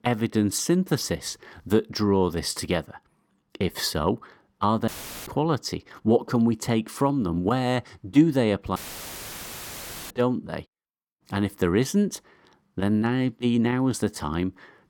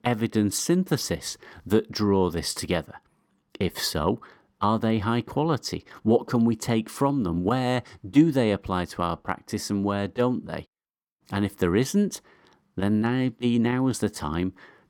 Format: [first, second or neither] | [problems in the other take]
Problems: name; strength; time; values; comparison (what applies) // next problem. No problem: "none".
second | audio cutting out; filled with static; at 5 s and at 9 s for 1.5 s